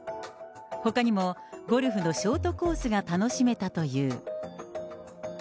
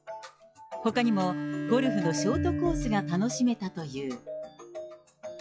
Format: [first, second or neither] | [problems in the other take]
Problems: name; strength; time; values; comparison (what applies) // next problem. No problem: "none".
first | noise reduction (classical method log-MMSE)